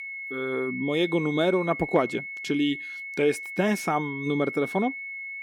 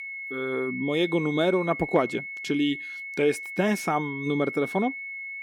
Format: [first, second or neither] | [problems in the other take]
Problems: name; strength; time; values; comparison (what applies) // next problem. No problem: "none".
neither | high-pitched whine; loud; throughout; 2 kHz, 7 dB below the speech; the same in both